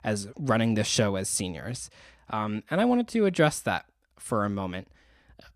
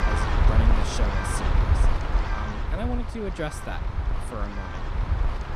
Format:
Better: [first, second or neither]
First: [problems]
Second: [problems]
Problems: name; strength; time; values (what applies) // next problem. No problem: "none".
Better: first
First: none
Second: wind noise on the microphone; heavy; 3 dB above the speech